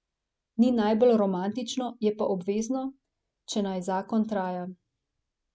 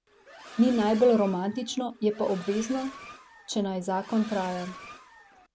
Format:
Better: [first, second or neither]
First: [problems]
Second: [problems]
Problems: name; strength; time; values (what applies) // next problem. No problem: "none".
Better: first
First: none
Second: background sound (Accelerating, revving, vroom); 18 dB below the speech